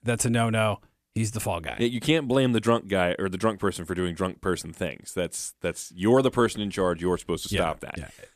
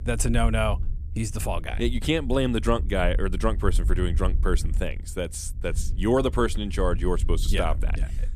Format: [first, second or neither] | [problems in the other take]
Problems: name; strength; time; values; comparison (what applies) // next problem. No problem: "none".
first | low rumble; faint; throughout; 20 dB below the speech